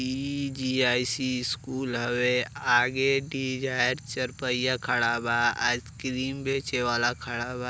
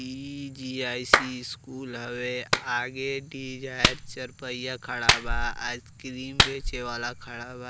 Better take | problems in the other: first | background sound (Clapping); 4 dB above the speech

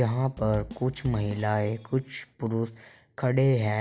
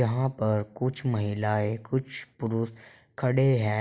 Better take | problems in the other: second | background sound (Bass drum / Snare drum); 16 dB below the speech

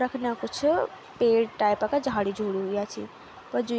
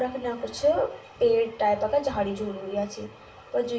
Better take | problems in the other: first | room echo; dies away in 0.3 s

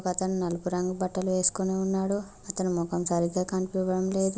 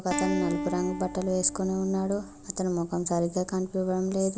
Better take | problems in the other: first | background sound (Acoustic guitar); 8 dB below the speech

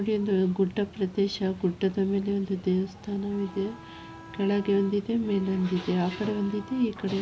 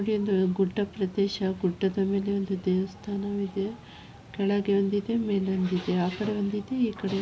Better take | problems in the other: second | background sound (Bowed string instrument); 19 dB below the speech

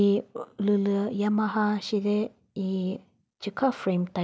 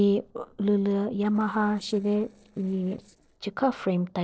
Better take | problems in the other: first | noise reduction (neural separator model SepFormer DNS4)

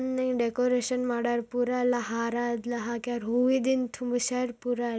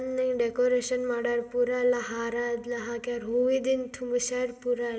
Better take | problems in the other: first | room echo; dies away in 2.1 s

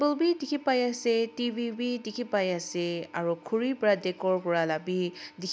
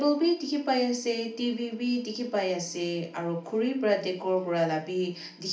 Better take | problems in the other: first | room echo; dies away in 0.4 s

